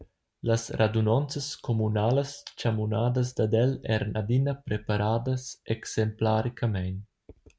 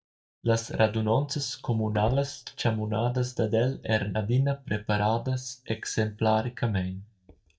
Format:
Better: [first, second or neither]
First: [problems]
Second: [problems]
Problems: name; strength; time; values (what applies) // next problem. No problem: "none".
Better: first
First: none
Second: noise reduction (neural mask model DeepFilterNet 3)